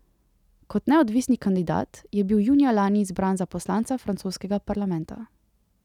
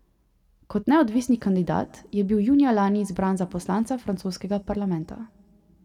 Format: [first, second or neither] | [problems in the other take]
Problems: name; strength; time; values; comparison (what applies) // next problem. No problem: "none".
first | room echo; dies away in 1.5 s